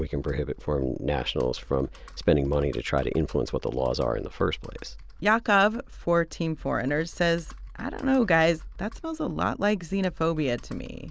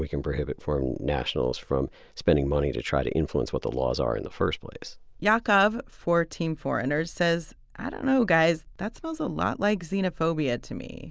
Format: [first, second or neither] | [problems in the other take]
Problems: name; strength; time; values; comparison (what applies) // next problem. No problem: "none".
second | background sound (Computer keyboard); 17 dB below the speech